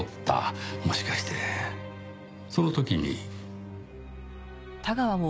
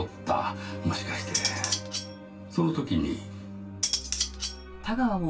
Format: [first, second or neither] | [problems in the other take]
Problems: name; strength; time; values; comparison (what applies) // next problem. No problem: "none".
first | background sound (Cutlery, silverware); 2 dB below the speech // room echo; dies away in 0.1 s